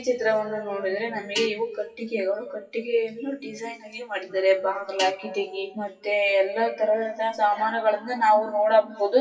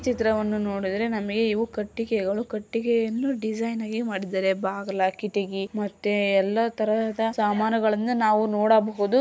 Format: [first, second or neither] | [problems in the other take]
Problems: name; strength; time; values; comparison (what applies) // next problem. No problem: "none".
second | noise reduction (classical method WPE with log-MMSE)